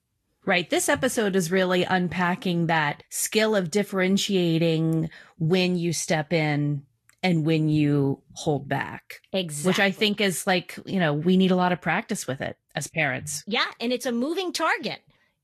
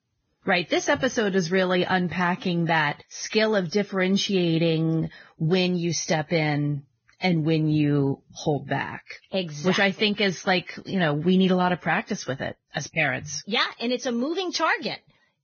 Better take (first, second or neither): first